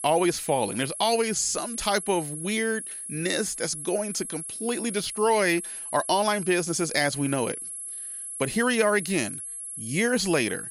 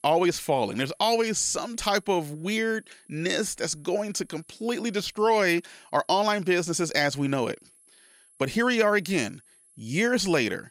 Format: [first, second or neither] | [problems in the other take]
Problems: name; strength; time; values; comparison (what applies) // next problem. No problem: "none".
second | high-pitched whine; loud; throughout; 11 kHz, 7 dB below the speech; faint in the second